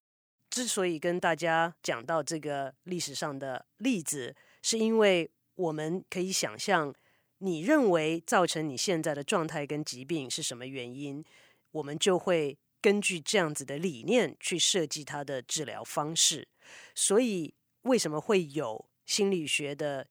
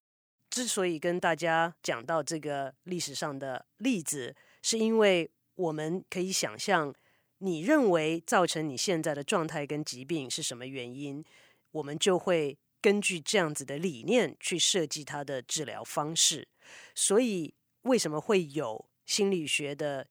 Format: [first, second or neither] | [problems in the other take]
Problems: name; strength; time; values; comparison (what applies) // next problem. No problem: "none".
neither | none